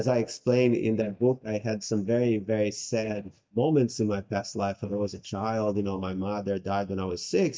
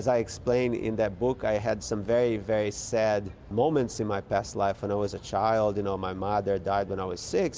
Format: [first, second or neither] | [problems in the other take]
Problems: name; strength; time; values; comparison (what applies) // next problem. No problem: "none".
second | noise reduction (neural mask model DeepFilterNet 3)